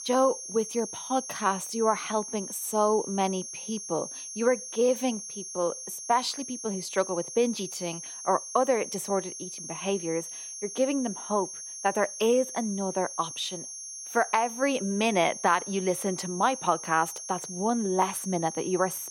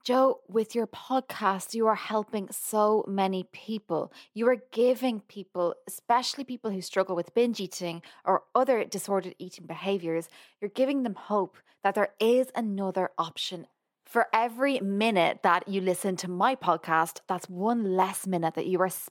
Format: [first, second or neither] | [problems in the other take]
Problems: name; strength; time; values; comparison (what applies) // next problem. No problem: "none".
second | high-pitched whine; loud; throughout; 6.5 kHz, 8 dB below the speech